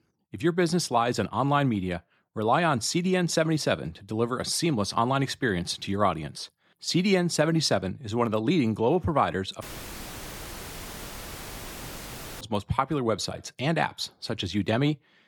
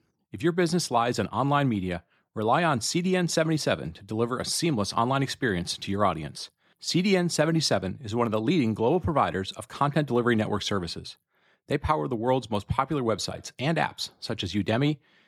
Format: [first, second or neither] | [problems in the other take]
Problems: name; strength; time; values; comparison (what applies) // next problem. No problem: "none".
second | audio cutting out; filled with static; at 9.5 s for 3 s